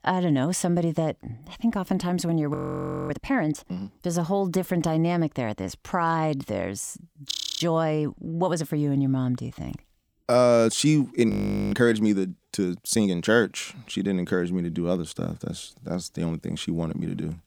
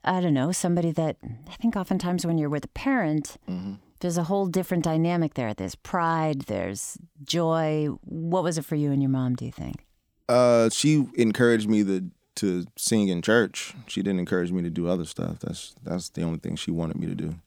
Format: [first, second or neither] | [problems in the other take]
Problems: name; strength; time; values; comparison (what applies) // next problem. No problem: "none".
second | audio freezing; at 2.5 s for 0.5 s, at 7.5 s and at 11 s